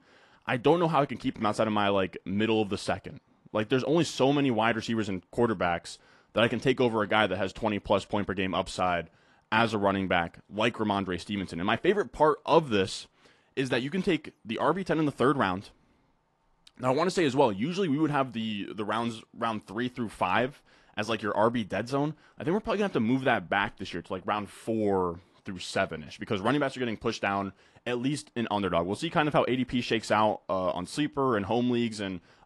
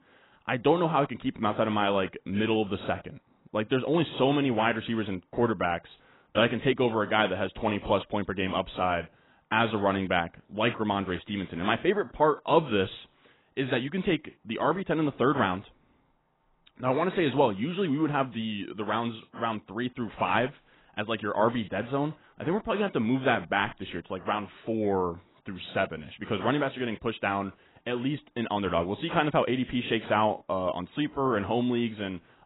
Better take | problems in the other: first | garbled, watery; badly; nothing above 4 kHz; slightly in the first

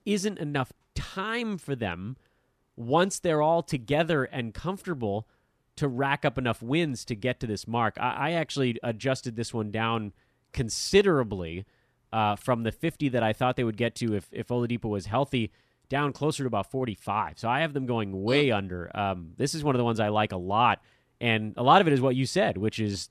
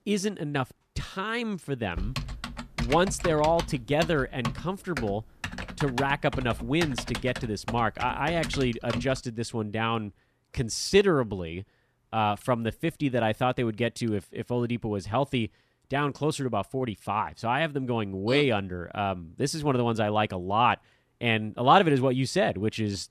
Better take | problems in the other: first | keyboard typing; noticeable; from 2 to 9 s; peak 5 dB below the speech

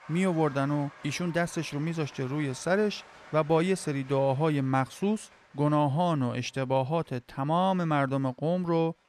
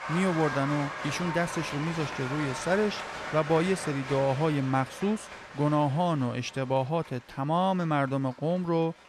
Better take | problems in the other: first | crowd noise; loud; throughout; 8 dB below the speech; faint in the first

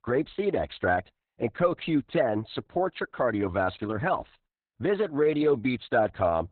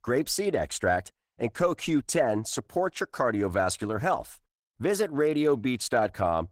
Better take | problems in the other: second | garbled, watery; badly; nothing above 4 kHz; slightly in the second

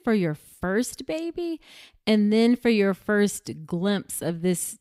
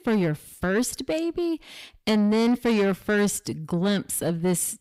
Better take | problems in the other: first | distortion; slight; 10 dB below the speech

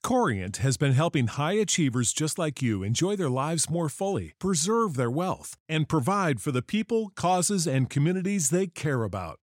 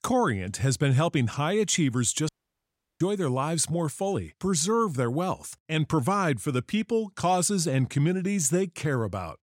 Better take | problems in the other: first | audio cutting out; at 2.5 s for 0.5 s

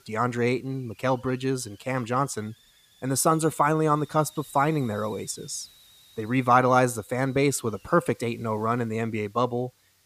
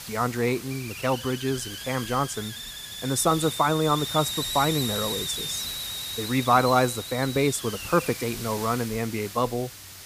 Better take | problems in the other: first | hiss; loud; throughout; 6 dB below the speech; faint in the first

